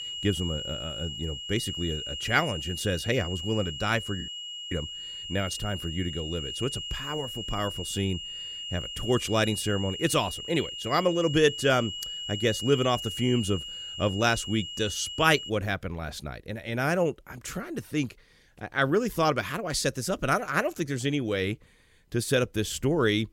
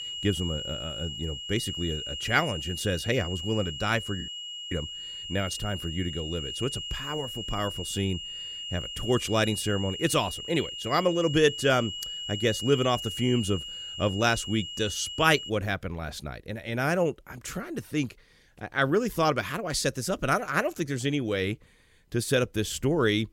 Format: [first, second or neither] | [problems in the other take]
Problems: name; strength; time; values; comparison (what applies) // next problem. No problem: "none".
neither | high-pitched whine; loud; until 16 s; 3 kHz, 6 dB below the speech; the same in both